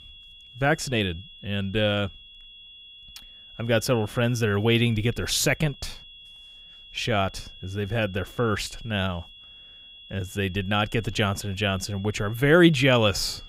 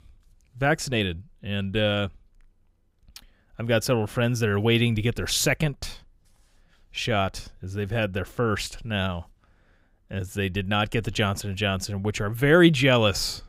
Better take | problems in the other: second | high-pitched whine; faint; throughout; 3.5 kHz, 20 dB below the speech

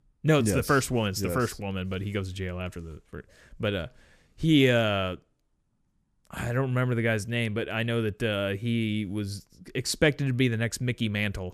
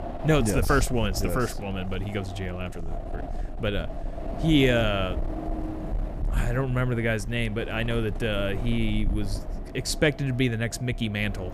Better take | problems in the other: first | wind noise on the microphone; occasional gusts; 10 dB below the speech

